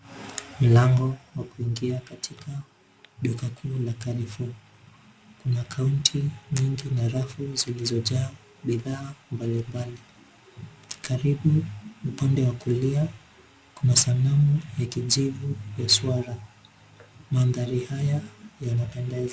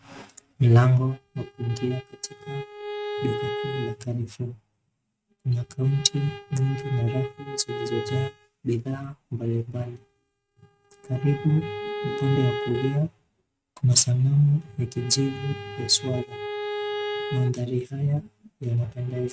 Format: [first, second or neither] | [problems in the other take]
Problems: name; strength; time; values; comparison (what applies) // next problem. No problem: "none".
first | noise reduction (neural mask model RNNoise)